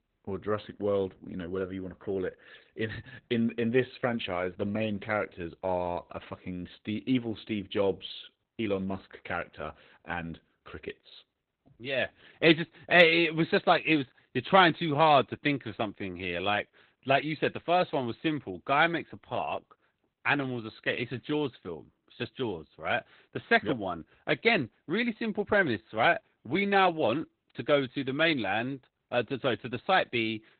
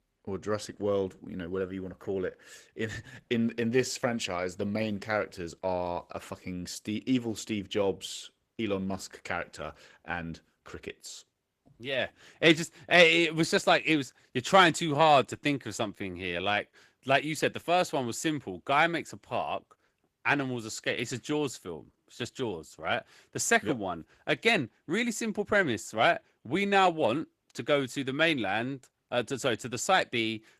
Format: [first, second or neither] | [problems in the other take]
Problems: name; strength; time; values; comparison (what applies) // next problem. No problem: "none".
second | garbled, watery; badly; nothing above 4 kHz; slightly in the second